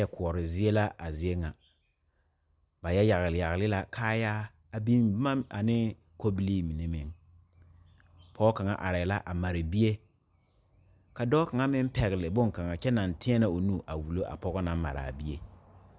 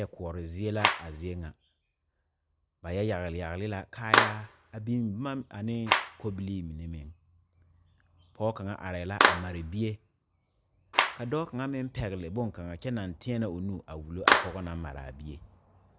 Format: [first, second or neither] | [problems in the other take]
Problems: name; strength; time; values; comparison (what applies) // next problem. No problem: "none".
first | background sound (Clapping); 1 dB above the speech